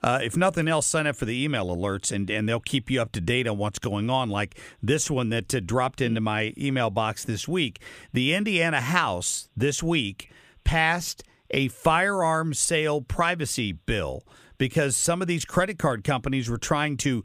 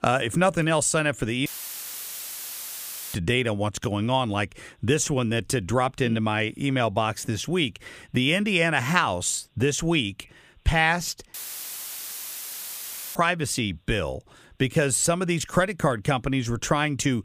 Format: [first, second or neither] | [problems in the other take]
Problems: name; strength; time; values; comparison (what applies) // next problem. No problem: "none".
first | audio cutting out; filled with static; at 1.5 s for 1.5 s and at 11 s for 2 s